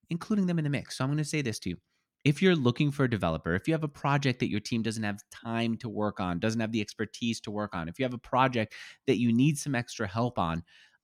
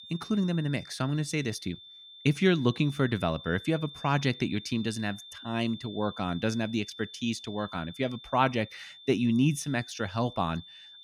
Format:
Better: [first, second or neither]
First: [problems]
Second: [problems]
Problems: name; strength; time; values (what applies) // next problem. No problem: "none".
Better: first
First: none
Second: high-pitched whine; noticeable; throughout; 3.5 kHz, 15 dB below the speech